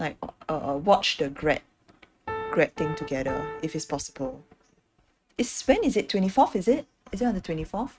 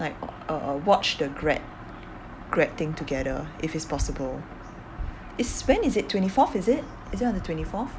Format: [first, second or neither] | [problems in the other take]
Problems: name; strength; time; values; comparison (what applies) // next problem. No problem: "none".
second | noise reduction (neural mask model RNNoise)